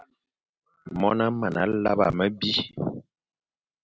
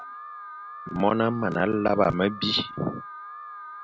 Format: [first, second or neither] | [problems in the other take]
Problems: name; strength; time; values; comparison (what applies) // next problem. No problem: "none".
first | background sound (Alarm); 13 dB below the speech